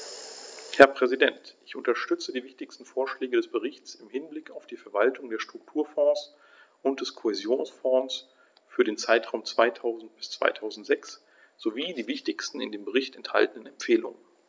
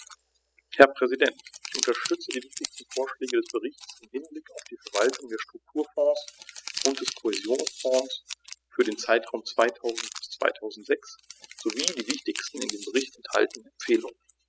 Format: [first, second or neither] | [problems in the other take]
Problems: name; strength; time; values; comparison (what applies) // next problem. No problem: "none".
first | noise reduction (classical method spectral subtraction)